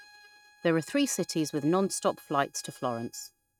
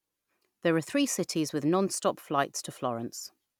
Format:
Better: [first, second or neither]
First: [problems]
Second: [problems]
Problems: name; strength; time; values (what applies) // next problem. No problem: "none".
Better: second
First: noise reduction (neural mask model RNNoise)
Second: none